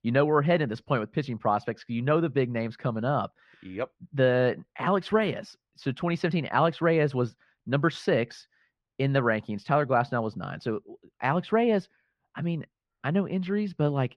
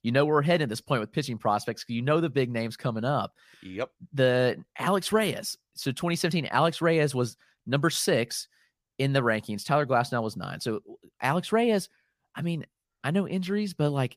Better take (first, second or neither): second